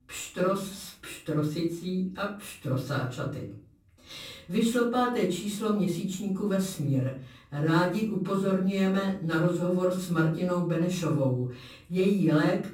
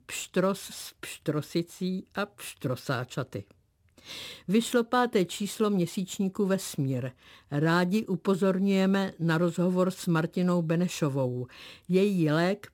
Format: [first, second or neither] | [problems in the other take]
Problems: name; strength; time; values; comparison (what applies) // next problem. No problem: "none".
second | room echo; slight; dies away in 0.4 s // off-mic speech; far